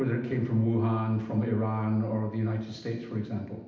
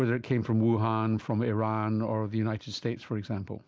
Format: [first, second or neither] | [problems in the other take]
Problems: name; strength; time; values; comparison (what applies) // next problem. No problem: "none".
second | room echo; dies away in 0.8 s